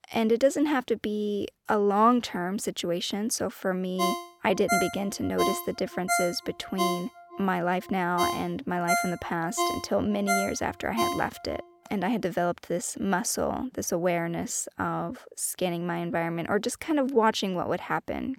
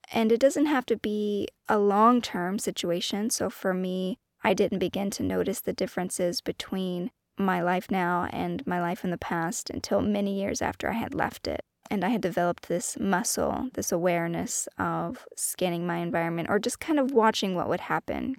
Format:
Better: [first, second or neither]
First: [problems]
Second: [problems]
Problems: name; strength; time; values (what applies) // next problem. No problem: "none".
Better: second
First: phone ringing; loud; from 4 to 12 s; peak 1 dB above the speech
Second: none